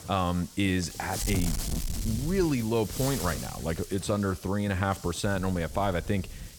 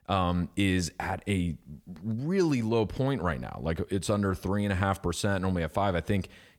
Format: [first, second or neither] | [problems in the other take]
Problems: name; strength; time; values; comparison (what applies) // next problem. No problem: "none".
second | wind noise on the microphone; heavy; 10 dB below the speech